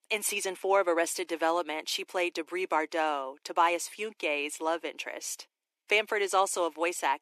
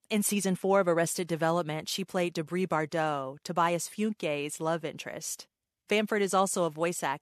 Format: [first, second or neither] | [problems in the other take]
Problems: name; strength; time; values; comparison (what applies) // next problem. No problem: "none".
second | thin; very; fading below 300 Hz